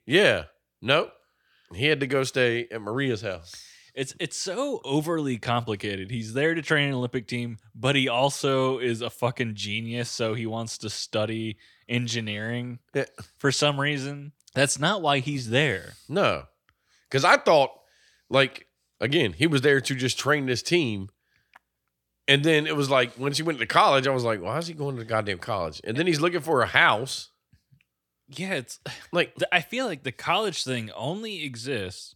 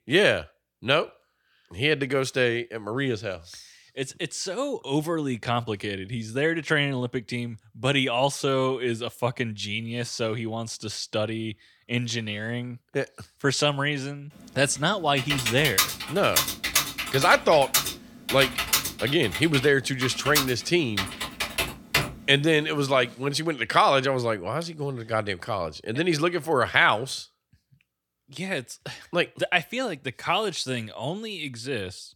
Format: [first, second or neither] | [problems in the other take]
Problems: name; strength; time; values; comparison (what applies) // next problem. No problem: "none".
first | keyboard typing; loud; from 15 to 22 s; peak 3 dB above the speech